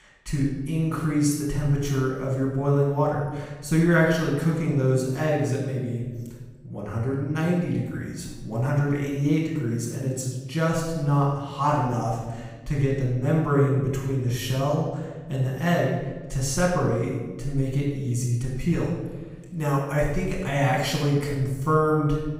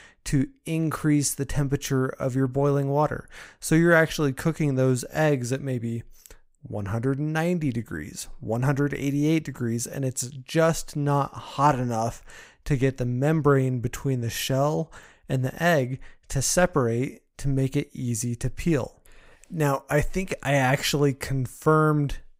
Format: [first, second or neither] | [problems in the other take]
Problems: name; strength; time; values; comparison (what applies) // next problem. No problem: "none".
second | off-mic speech; far // room echo; noticeable; dies away in 1.1 s